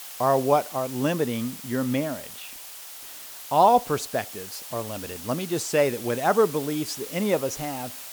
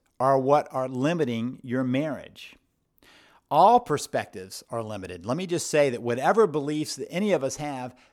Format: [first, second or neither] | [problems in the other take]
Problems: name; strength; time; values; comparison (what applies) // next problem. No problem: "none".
second | hiss; noticeable; throughout; 10 dB below the speech